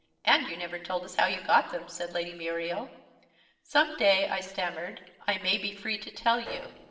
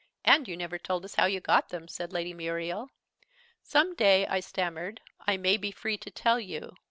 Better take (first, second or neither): second